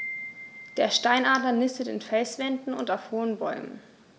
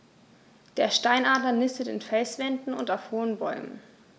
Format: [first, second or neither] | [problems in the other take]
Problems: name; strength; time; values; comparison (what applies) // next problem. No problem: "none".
second | background sound (Wind chime); 17 dB below the speech